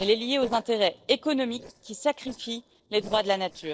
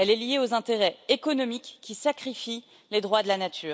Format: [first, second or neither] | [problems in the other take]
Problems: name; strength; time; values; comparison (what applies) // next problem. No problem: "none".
second | noise reduction (neural separator model SepFormer DNS4)